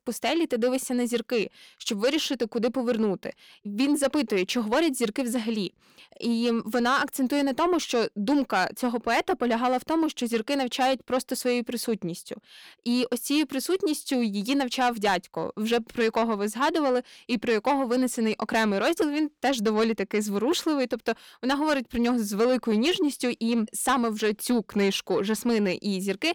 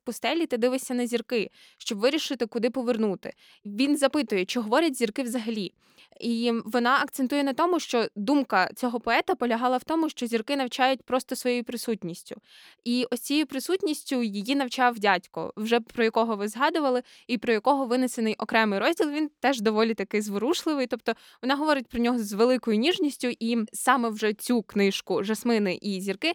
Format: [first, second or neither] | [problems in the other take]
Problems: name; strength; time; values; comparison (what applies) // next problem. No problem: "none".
second | distortion; slight; 10 dB below the speech